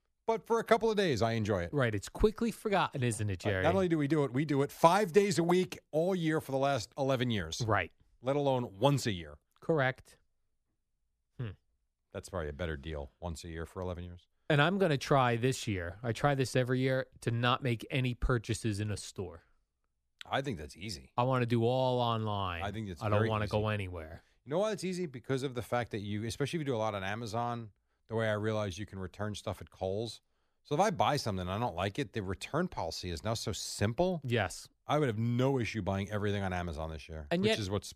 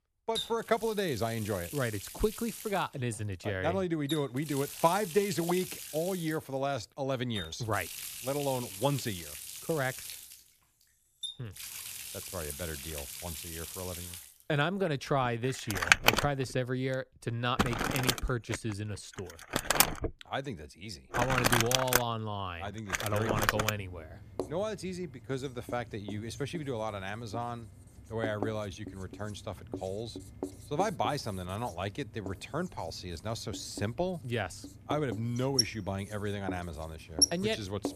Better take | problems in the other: first | household noises; very loud; throughout; as loud as the speech

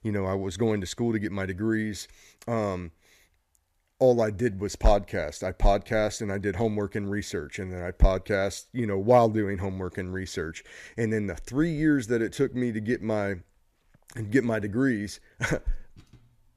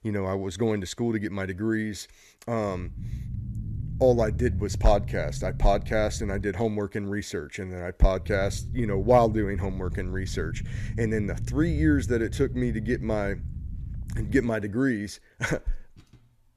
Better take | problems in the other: first | low rumble; noticeable; from 2.5 to 6.5 s and from 8.5 to 14 s; 20 dB below the speech

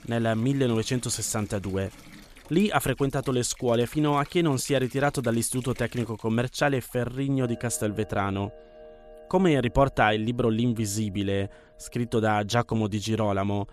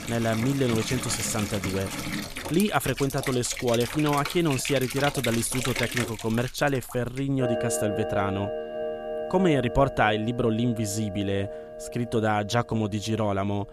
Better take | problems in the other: first | household noises; loud; throughout; 7 dB below the speech; faint in the first

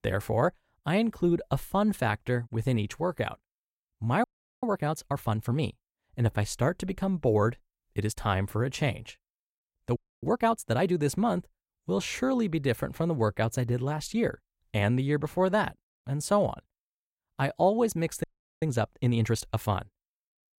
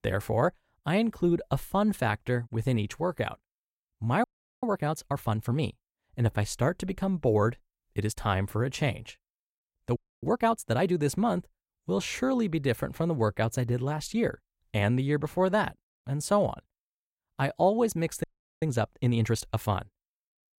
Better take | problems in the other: neither | audio freezing; at 4 s, at 10 s and at 18 s; the same in both

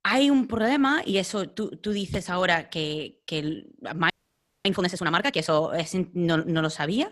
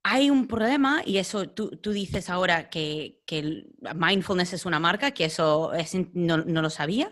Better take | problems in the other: second | audio freezing; at 4 s for 0.5 s

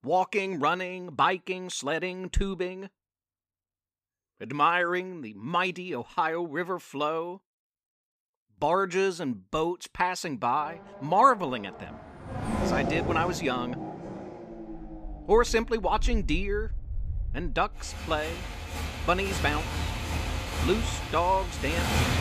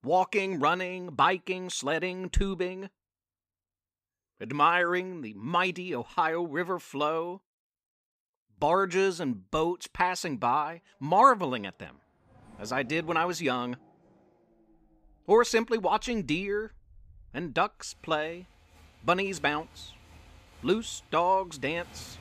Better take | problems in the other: second | traffic noise; loud; from 11 s on; 6 dB below the speech; faint in the second

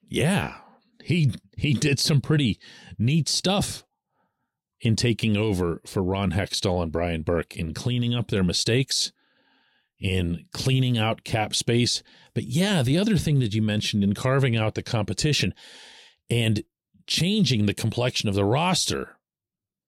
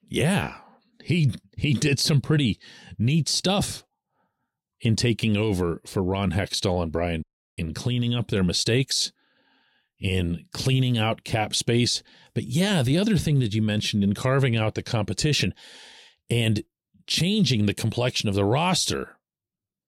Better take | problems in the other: first | audio cutting out; at 7 s

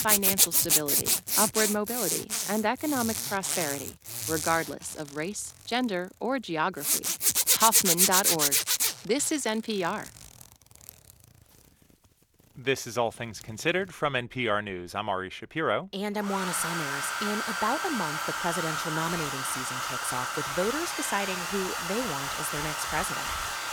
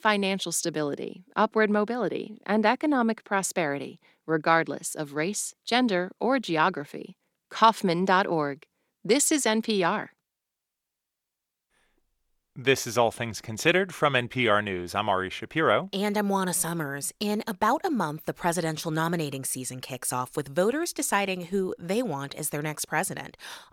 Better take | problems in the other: second | household noises; very loud; throughout; 4 dB above the speech

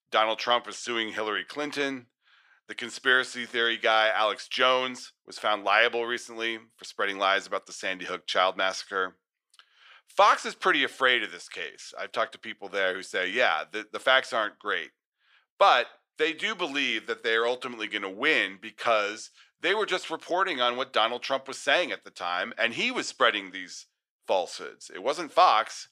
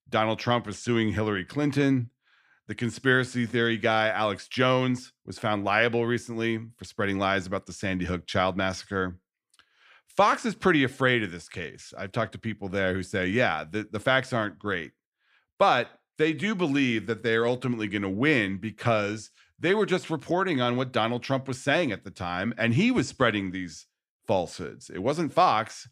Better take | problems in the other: second | thin; very; fading below 550 Hz

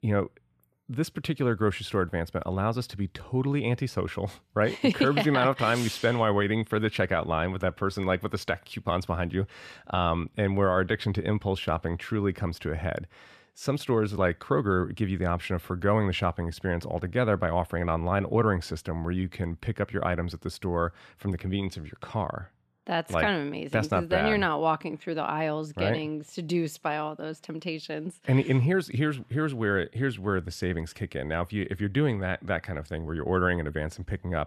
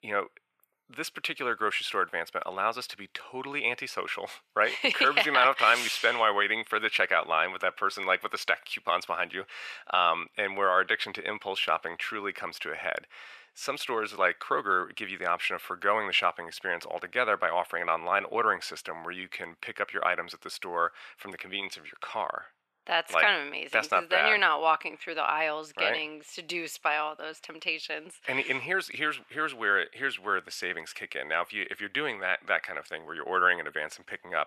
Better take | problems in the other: first | thin; very; fading below 650 Hz

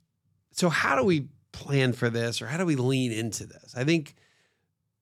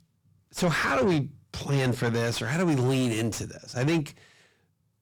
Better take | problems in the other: first | distortion; heavy; 7 dB below the speech

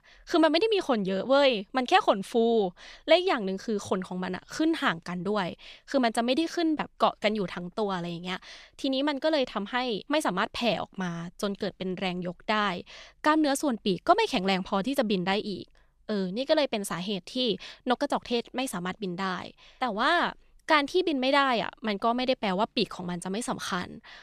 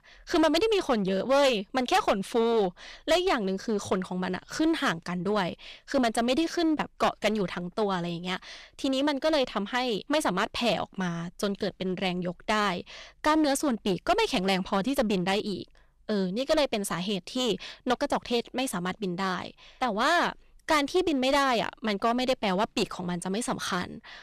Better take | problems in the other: first | distortion; slight; 8% of the sound clipped

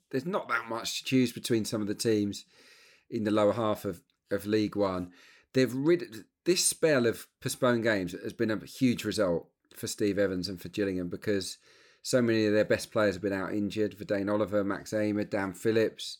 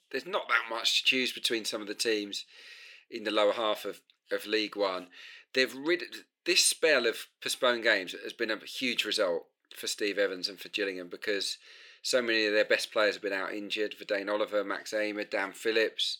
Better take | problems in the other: first | thin; somewhat; fading below 500 Hz

